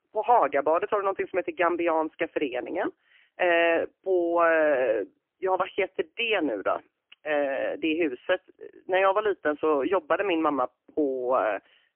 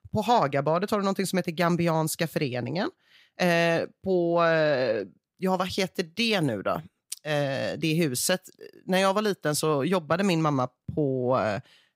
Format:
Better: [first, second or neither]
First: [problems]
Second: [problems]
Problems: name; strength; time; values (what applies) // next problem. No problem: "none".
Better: second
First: phone-call audio; poor line; nothing above 3 kHz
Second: none